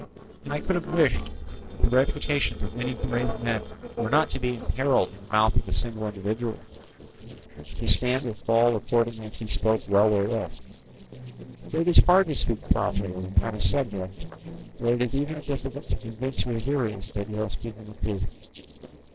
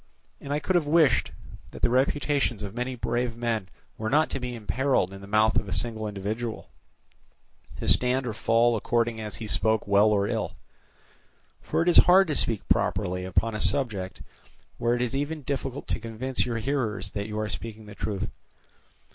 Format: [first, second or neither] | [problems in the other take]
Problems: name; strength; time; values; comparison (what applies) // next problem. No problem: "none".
second | noise reduction (neural separator model SepFormer DNS4)